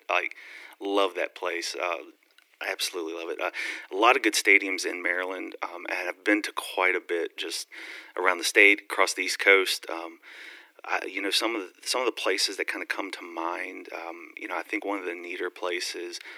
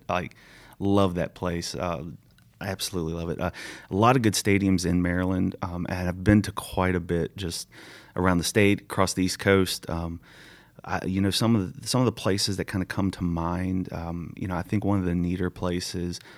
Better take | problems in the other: second | thin; very; fading below 300 Hz

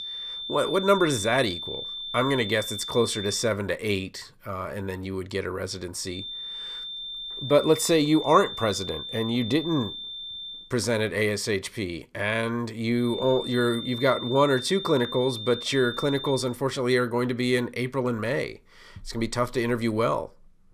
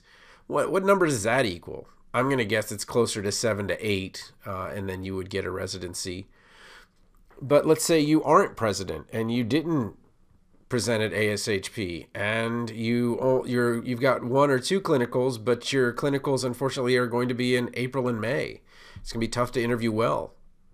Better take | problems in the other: second | high-pitched whine; loud; until 3.5 s, from 6 to 11 s and from 13 to 16 s; 3.5 kHz, 8 dB below the speech

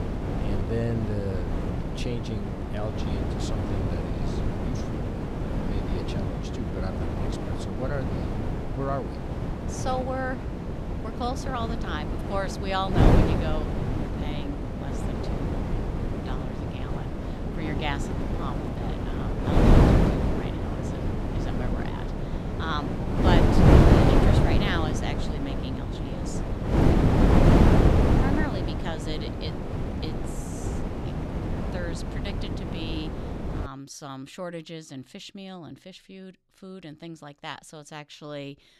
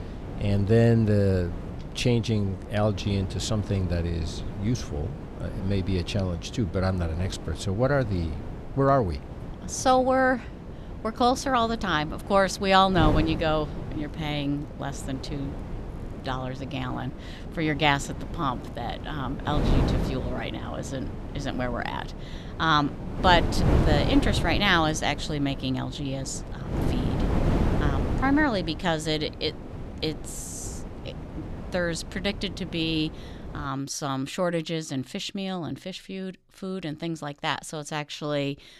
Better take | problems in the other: second | wind noise on the microphone; heavy; until 34 s; 4 dB above the speech; occasional gusts in the second

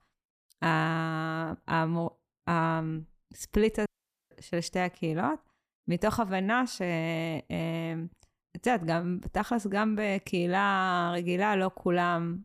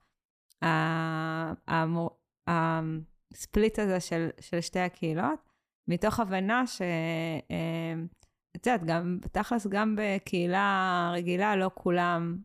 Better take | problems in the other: second | audio cutting out; at 4 s

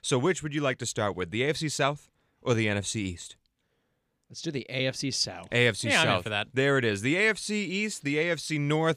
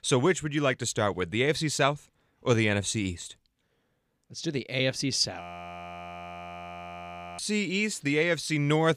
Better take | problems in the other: first | audio freezing; at 5.5 s for 2 s

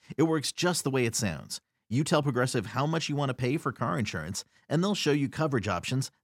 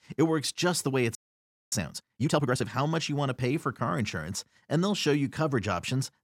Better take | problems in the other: first | audio freezing; at 1 s for 0.5 s

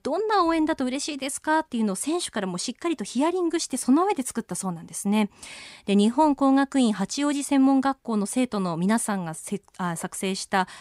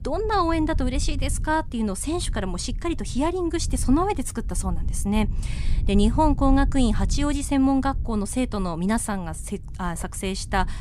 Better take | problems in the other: first | low rumble; faint; throughout; 20 dB below the speech

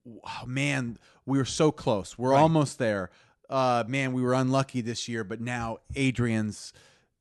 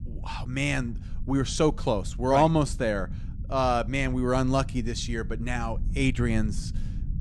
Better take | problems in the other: first | low rumble; faint; throughout; 25 dB below the speech

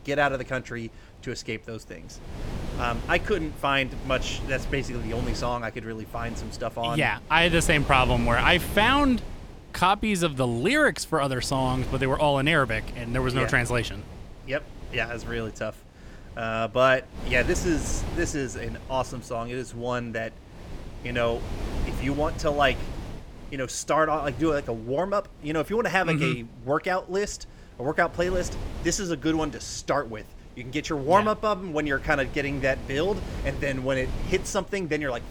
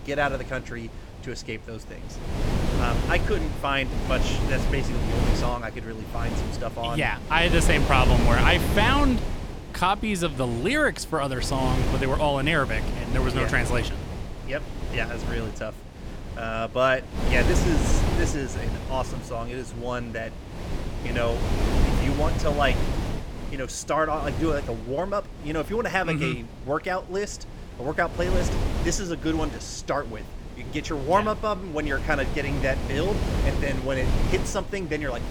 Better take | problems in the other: first | wind noise on the microphone; heavy; 8 dB below the speech; occasional gusts in the first

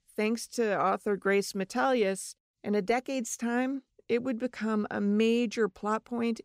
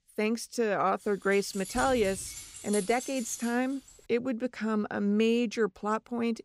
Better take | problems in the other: first | jangling keys; noticeable; from 1.5 to 4 s; peak 8 dB below the speech

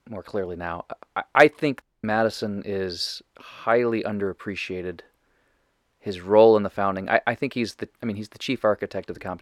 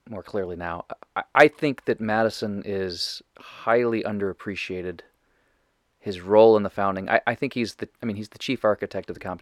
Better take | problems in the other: second | audio cutting out; at 2 s

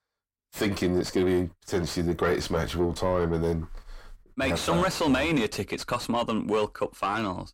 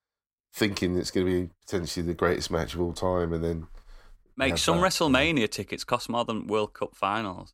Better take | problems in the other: second | distortion; heavy; 6 dB below the speech

